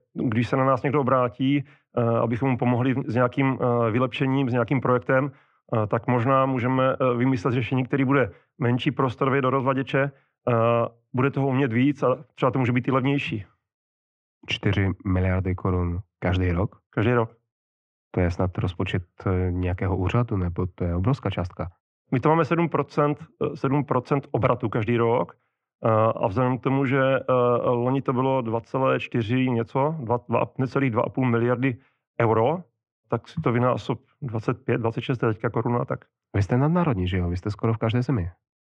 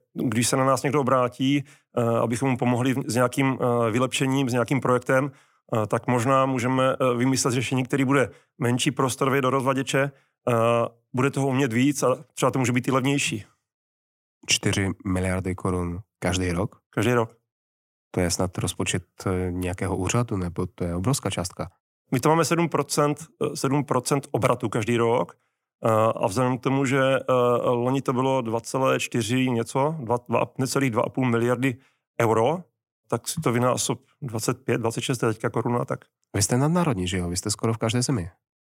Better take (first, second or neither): second